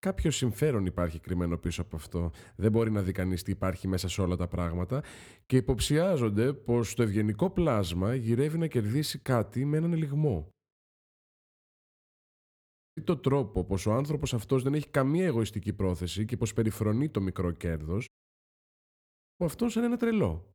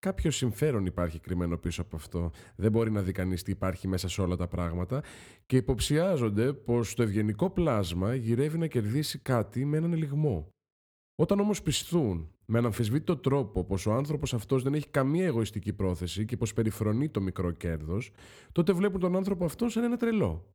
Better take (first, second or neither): second